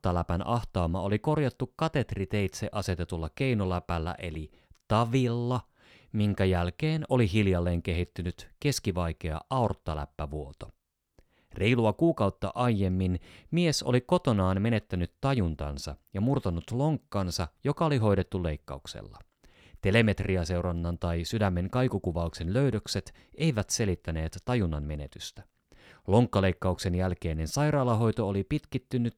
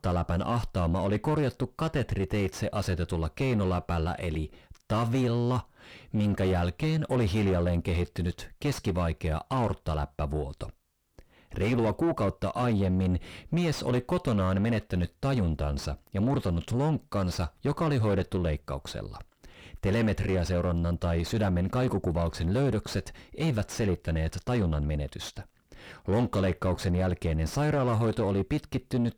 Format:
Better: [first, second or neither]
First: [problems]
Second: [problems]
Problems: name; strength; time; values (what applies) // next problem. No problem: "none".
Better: first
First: none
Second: distortion; heavy; 5 dB below the speech